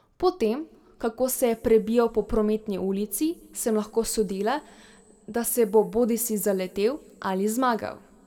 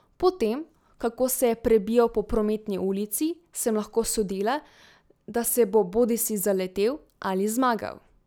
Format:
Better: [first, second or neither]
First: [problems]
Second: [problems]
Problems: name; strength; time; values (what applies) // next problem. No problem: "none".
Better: second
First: room echo; dies away in 1.2 s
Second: none